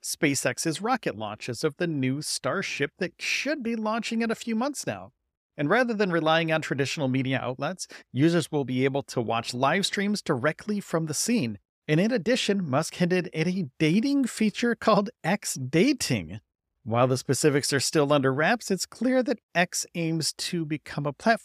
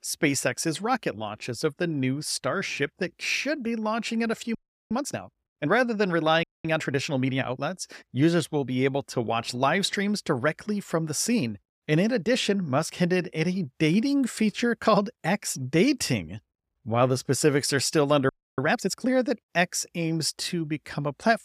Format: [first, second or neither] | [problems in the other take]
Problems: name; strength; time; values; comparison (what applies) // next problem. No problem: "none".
first | audio freezing; at 4.5 s, at 6.5 s and at 18 s